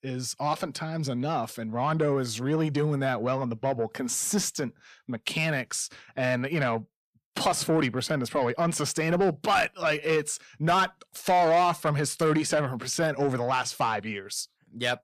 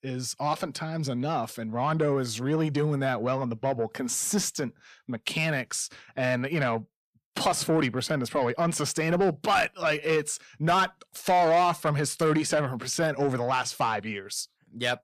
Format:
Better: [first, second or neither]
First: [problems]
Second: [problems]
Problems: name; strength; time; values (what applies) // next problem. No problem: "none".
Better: neither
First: distortion; slight; 10 dB below the speech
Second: distortion; slight; 10 dB below the speech